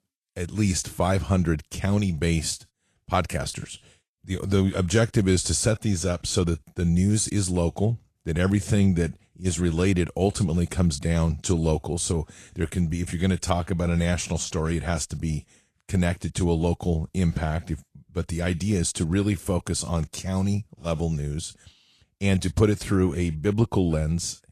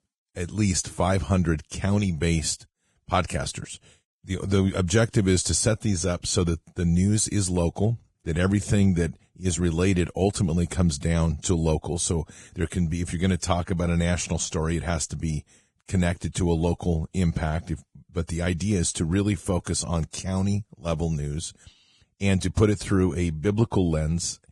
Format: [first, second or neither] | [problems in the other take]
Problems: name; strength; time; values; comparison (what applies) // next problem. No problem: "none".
first | garbled, watery; badly; slightly in the first